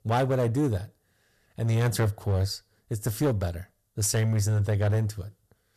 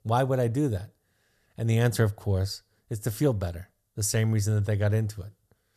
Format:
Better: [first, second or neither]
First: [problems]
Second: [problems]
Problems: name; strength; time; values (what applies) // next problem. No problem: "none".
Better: second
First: distortion; slight; 8% of the sound clipped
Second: none